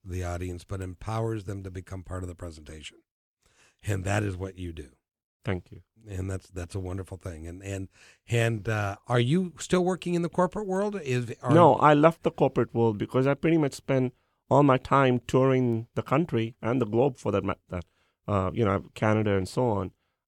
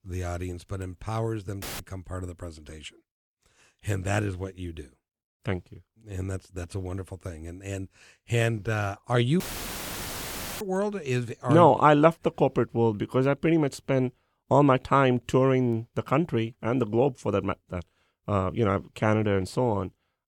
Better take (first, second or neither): first